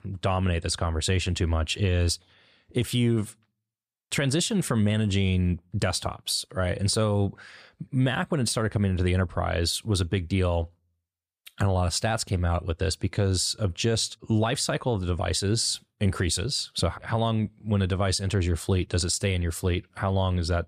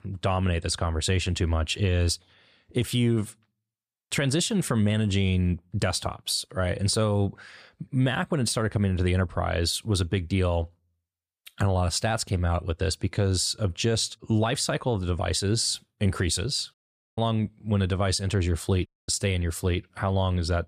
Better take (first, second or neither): first